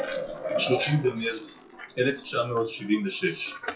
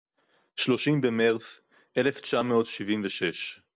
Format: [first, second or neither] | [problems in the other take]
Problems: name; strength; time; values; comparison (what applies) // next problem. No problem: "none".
second | noise reduction (classical method WPE with log-MMSE)